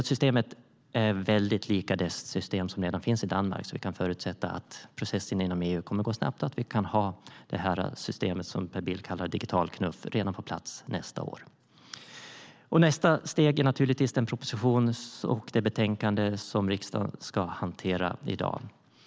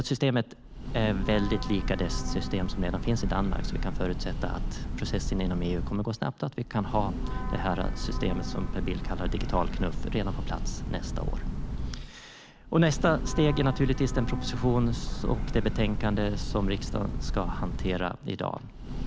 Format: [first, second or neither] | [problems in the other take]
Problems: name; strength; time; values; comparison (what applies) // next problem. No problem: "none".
first | background sound (Train / Breathing); 1 dB below the speech